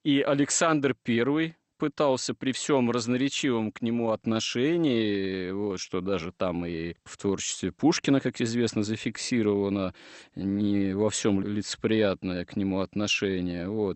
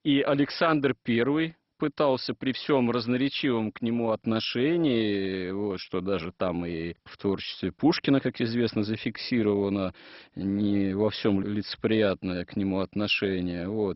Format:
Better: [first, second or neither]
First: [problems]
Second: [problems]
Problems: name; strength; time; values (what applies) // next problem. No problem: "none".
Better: first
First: garbled, watery; slightly; nothing above 8 kHz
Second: garbled, watery; badly; nothing above 5.5 kHz